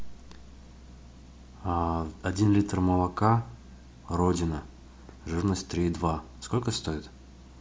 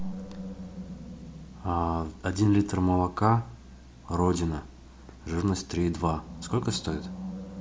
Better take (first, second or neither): first